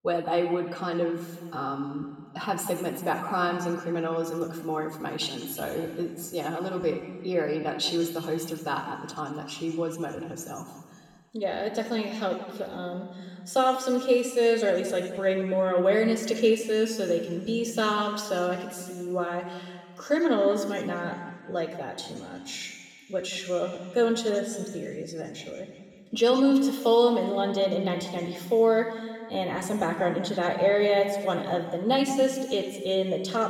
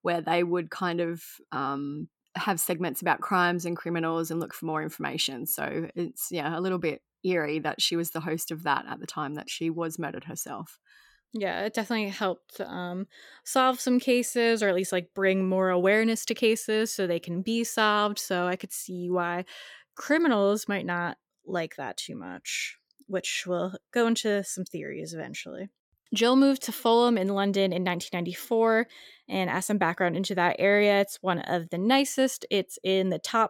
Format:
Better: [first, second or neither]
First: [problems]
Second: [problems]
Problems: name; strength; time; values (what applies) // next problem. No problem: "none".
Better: second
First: room echo; noticeable; dies away in 1.7 s // off-mic speech; somewhat distant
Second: none